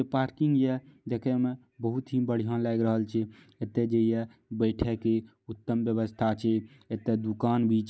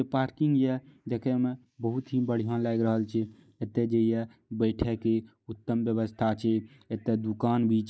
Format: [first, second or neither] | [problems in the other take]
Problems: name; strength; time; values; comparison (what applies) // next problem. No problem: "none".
first | noise reduction (neural mask model Resemble Enhance denoiser)